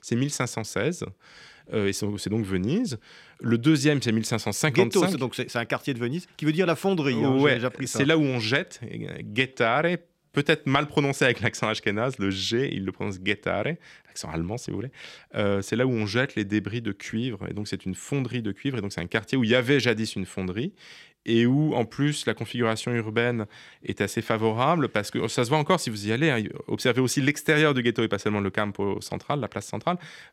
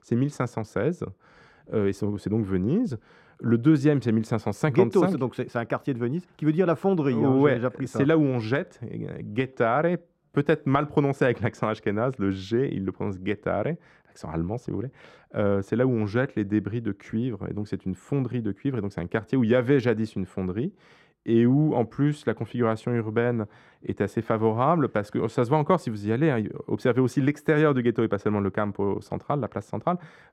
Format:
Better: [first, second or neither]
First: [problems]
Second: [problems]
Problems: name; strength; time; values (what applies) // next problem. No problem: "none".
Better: first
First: none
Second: muffled; slightly; fading above 1.5 kHz